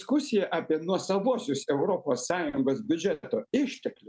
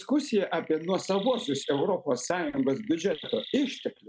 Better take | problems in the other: first | noise reduction (neural mask model RNNoise)

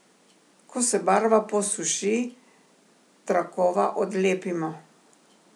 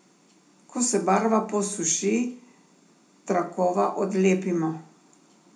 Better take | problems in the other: first | room echo; dies away in 0.4 s

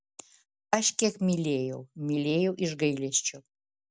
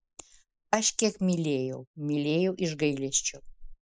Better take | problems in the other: first | noise reduction (neural mask model Resemble Enhance denoiser)

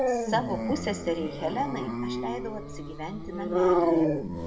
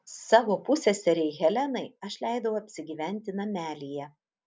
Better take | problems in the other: second | background sound (Dog); 5 dB above the speech // room echo; dies away in 1 s

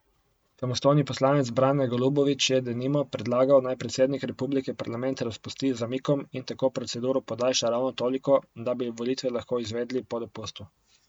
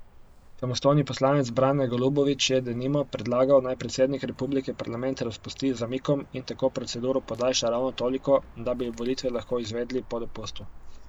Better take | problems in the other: first | background sound (Bird); 18 dB below the speech

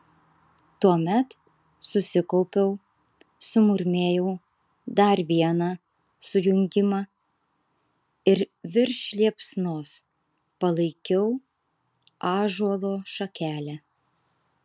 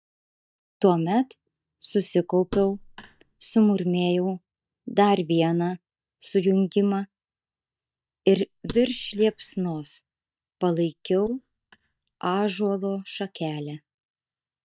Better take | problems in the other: first | noise reduction (neural mask model DeepFilterNet 3)

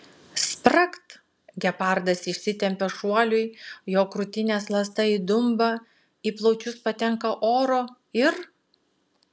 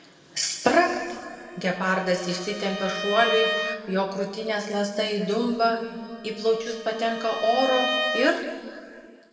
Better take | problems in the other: first | background sound (Bowed string instrument); 7 dB below the speech // room echo; dies away in 1.9 s

